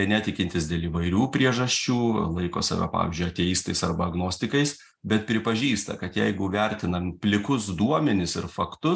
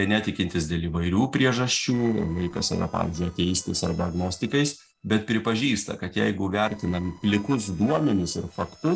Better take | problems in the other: first | noise reduction (neural separator model SepFormer DNS4)

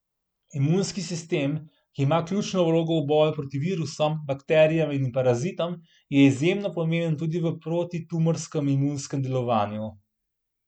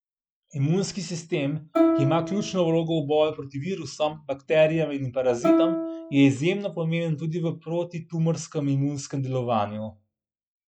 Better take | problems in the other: first | noise reduction (classical method log-MMSE)

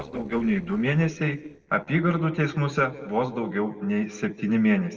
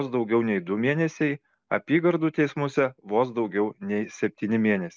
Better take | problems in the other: second | noise reduction (neural separator model SepFormer DNS4)

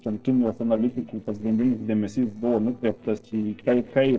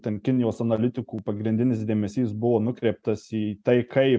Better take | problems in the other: second | noise reduction (neural separator model SepFormer DNS4)

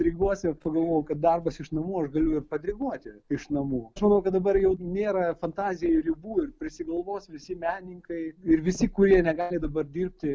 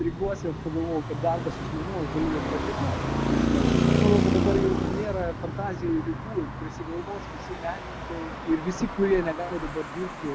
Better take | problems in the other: first | background sound (Traffic noise, roadway noise); 1 dB above the speech

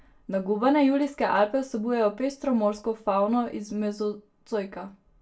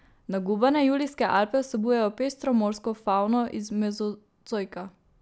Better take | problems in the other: second | room echo; dies away in 0.2 s

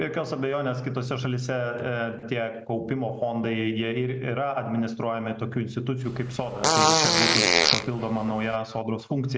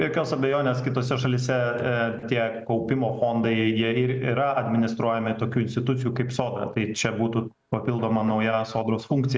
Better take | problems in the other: second | background sound (Fart); 4 dB above the speech

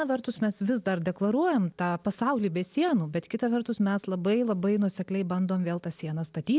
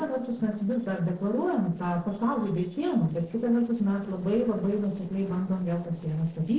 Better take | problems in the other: first | noise reduction (neural separator model SepFormer DNS4)

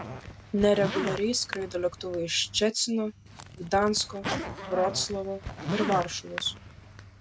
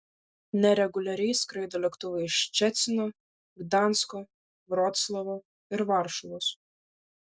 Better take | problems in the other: second | background sound (Zipper (clothing)); 8 dB below the speech

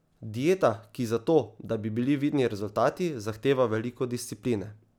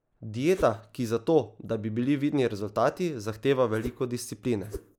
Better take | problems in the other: first | noise reduction (neural mask model Resemble Enhance denoiser)

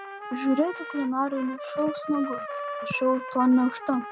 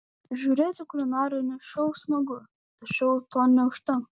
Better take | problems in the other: second | background sound (Trumpet); 10 dB below the speech

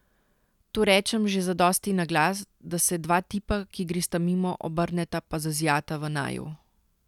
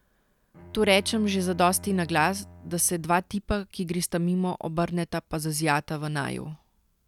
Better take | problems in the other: first | background sound (Bowed string instrument); 19 dB below the speech

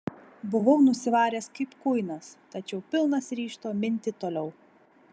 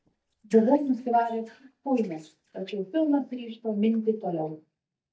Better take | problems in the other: first | noise reduction (neural mask model DeepFilterNet 3)

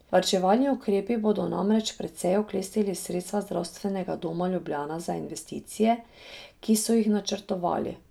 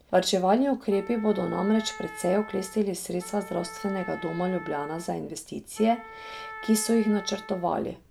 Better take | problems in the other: first | background sound (Wind instrument, woodwind instrument); 15 dB below the speech

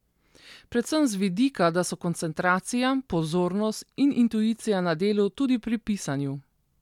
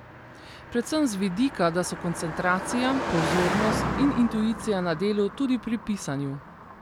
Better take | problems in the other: first | background sound (Car passing by); 6 dB below the speech

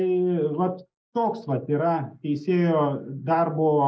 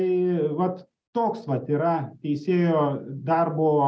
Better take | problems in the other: second | noise reduction (neural mask model Resemble Enhance denoiser)

